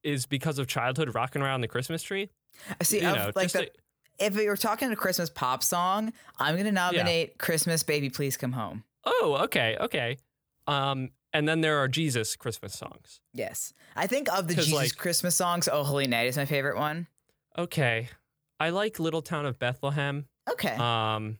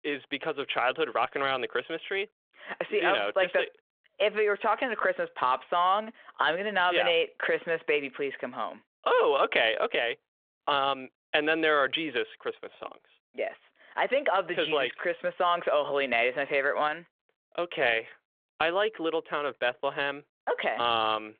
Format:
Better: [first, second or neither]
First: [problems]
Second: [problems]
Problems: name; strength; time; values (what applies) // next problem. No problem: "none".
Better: first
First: none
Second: phone-call audio